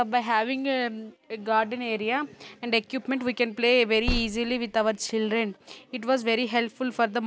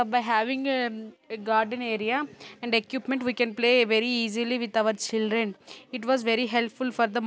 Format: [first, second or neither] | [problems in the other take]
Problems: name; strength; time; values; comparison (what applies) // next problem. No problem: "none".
second | background sound (Car); 7 dB below the speech